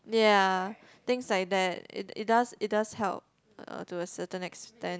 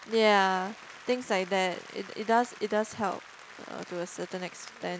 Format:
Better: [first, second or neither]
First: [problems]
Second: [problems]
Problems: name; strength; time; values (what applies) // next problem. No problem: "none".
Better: first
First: none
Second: background sound (Applause); 18 dB below the speech